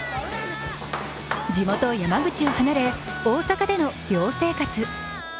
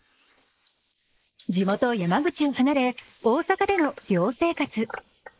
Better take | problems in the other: first | noise reduction (neural mask model Resemble Enhance denoiser)

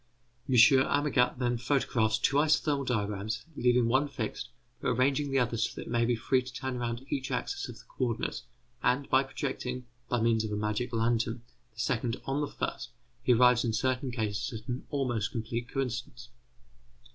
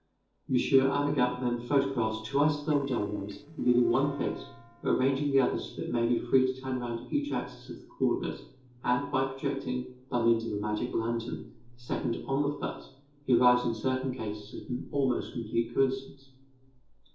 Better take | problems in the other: first | noise reduction (neural separator model SepFormer DNS4)

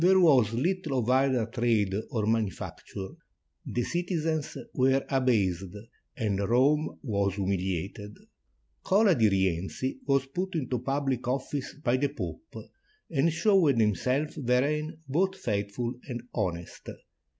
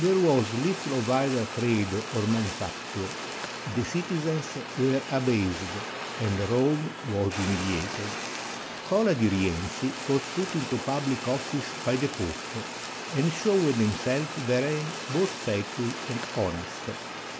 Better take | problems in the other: first | background sound (Fire); 8 dB below the speech

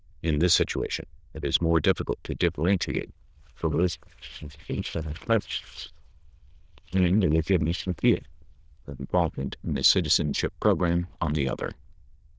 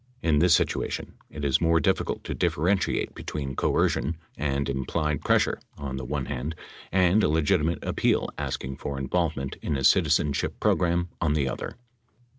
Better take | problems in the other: second | noise reduction (neural diffusion model UNIVERSE++)

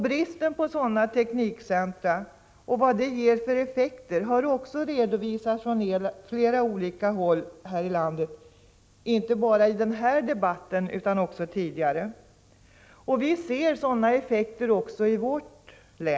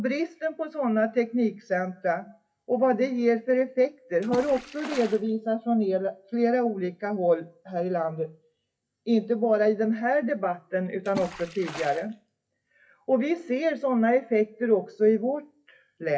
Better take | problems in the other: first | noise reduction (classical method WPE with log-MMSE)

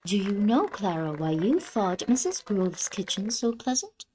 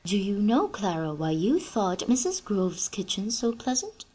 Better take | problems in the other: second | noise reduction (neural mask model RNNoise)

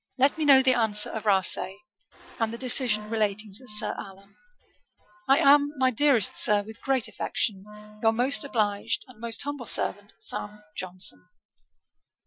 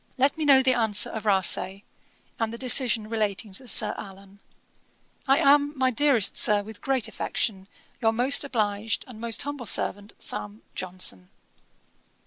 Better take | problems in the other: second | noise reduction (classical method Wiener filter)

